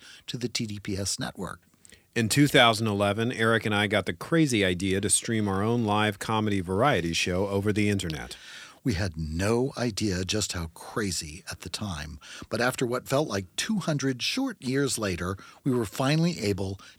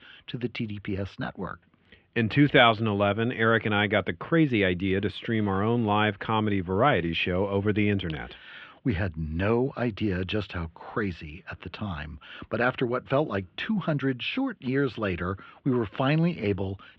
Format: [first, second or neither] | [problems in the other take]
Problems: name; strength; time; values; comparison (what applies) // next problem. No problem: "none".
first | muffled; very; fading above 3 kHz